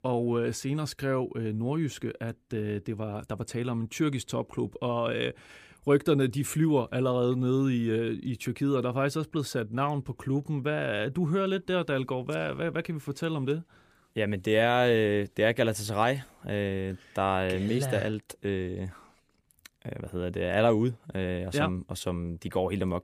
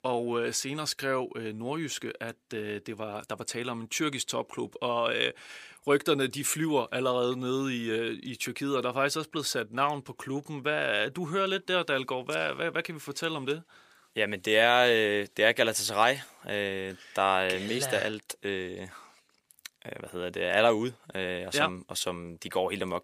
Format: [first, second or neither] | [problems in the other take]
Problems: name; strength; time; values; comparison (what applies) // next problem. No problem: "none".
first | thin; somewhat; fading below 750 Hz